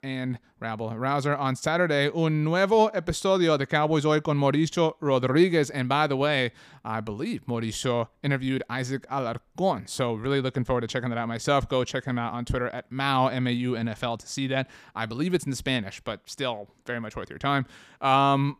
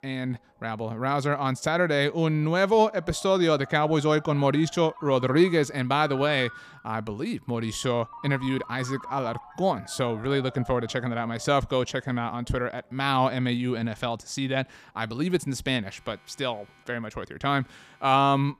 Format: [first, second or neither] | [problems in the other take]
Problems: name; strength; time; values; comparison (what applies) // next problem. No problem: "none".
first | alarms or sirens; noticeable; throughout; 20 dB below the speech